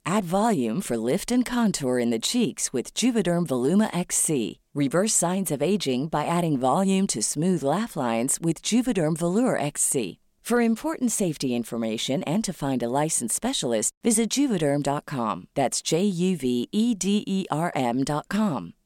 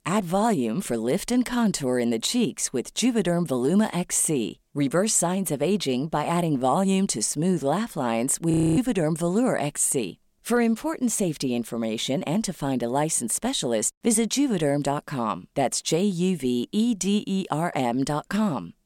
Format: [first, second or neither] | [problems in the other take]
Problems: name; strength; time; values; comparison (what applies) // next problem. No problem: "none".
first | audio freezing; at 8.5 s